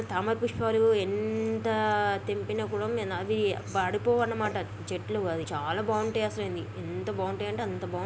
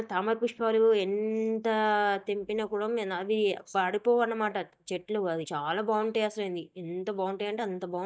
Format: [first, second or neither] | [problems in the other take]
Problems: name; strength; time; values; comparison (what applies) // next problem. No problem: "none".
first | noise reduction (neural mask model DeepFilterNet 3)